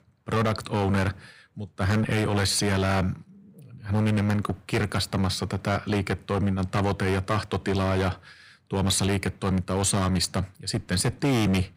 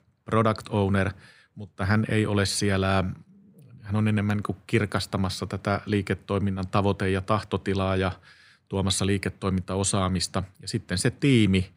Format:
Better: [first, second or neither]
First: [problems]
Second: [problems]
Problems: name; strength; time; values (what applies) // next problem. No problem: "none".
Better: second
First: distortion; heavy; 14% of the sound clipped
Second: none